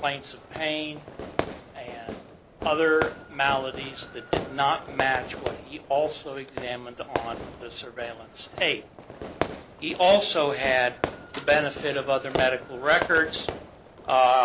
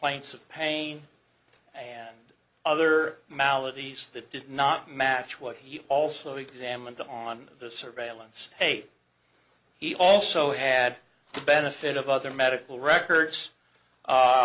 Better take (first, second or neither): second